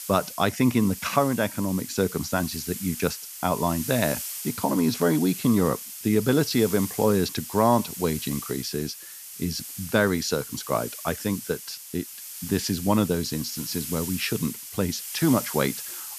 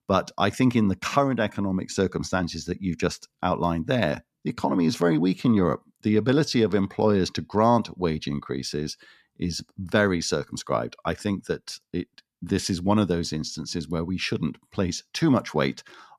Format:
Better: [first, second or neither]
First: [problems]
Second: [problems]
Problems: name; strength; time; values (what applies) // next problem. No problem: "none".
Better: second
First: hiss; loud; throughout; 9 dB below the speech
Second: none